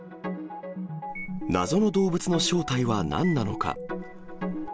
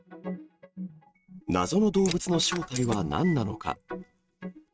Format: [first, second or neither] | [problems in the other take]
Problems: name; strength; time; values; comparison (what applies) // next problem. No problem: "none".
first | noise reduction (neural mask model RNNoise)